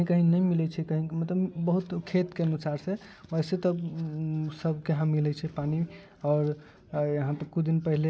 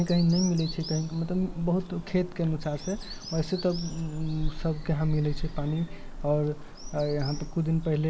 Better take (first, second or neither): first